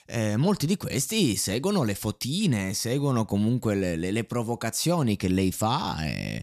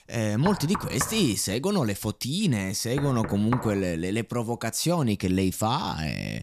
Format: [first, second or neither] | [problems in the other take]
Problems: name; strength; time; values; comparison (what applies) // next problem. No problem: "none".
first | door banging; noticeable; until 3.5 s; peak 7 dB below the speech